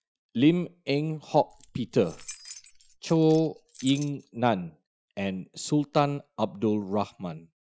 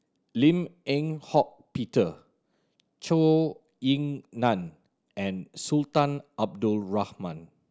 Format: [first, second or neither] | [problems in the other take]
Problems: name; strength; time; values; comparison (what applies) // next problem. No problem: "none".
second | noise reduction (classical method Wiener filter)